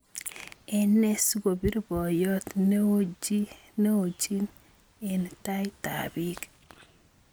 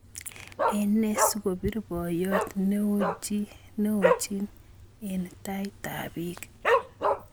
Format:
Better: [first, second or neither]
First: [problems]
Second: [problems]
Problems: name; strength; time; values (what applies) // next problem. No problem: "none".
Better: first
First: none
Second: background sound (Dog); 1 dB below the speech